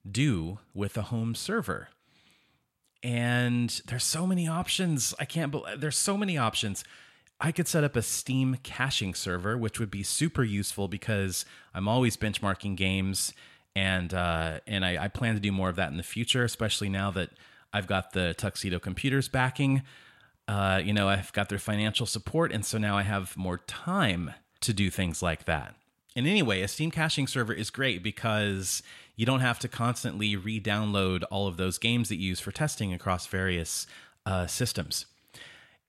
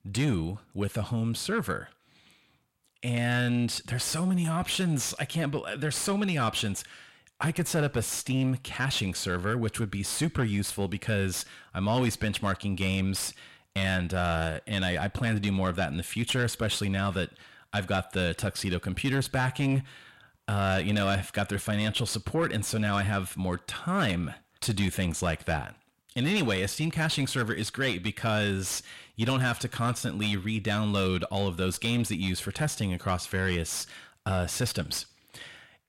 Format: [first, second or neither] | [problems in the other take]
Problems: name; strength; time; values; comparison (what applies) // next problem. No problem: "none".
first | distortion; slight; 10 dB below the speech